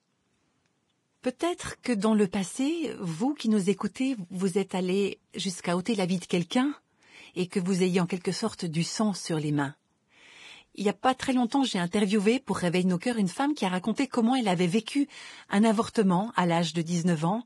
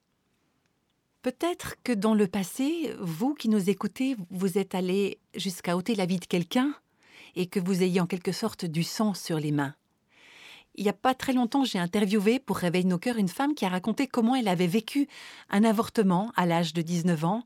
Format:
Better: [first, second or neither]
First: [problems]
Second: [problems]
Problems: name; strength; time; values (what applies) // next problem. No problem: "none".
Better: second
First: garbled, watery; badly; nothing above 10.5 kHz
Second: none